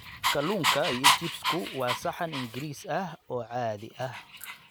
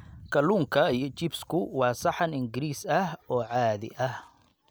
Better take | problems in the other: second | background sound (Dog); 2 dB above the speech

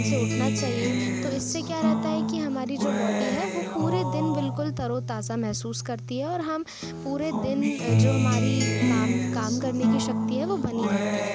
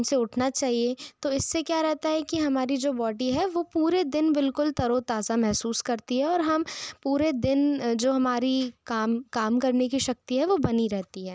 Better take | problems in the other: second | background sound (Acoustic guitar); 3 dB above the speech

